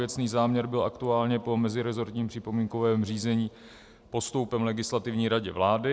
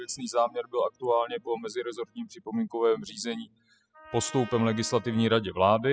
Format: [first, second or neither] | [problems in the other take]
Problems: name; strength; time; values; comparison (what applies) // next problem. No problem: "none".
first | noise reduction (classical method spectral subtraction)